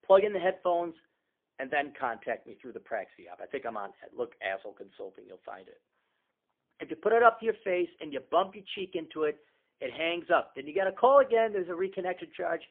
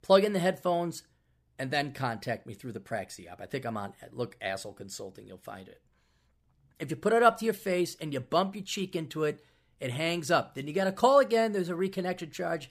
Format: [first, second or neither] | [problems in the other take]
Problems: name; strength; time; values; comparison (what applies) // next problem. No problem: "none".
second | phone-call audio; poor line; nothing above 3.5 kHz